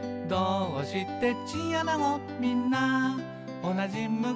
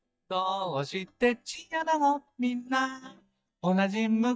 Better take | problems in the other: first | noise reduction (neural mask model DeepFilterNet 3)

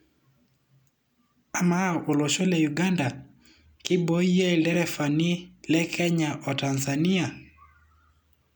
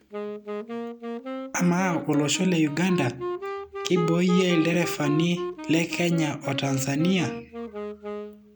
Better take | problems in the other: first | background sound (Wind instrument, woodwind instrument); 8 dB below the speech

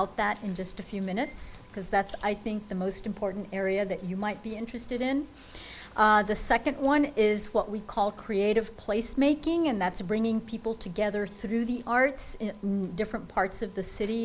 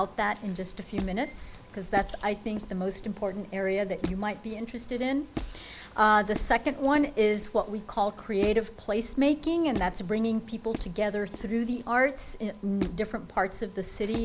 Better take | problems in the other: first | background sound (Squeak); 13 dB below the speech

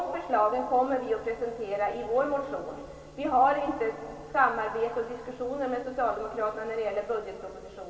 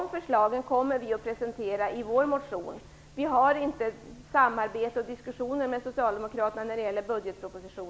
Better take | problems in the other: second | room echo; dies away in 2.7 s

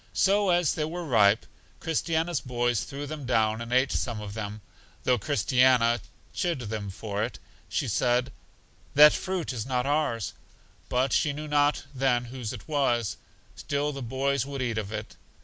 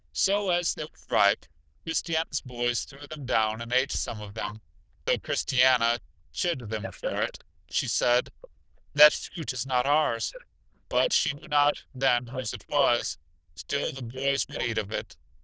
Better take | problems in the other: first | noise reduction (neural diffusion model UNIVERSE++)

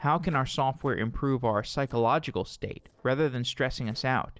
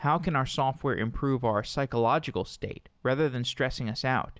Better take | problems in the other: second | noise reduction (neural separator model SepFormer DNS4)

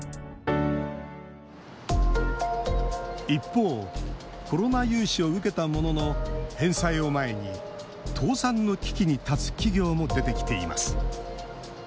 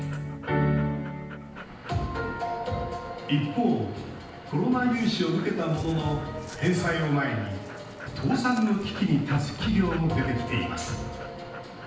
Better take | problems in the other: first | background sound (Dog); 19 dB below the speech // room echo; dies away in 0.9 s

